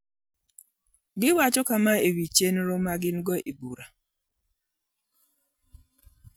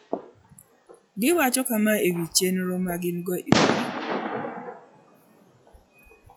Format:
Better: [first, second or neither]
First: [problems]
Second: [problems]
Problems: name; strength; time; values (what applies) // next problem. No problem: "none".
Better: first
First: none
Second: noise reduction (classical method log-MMSE)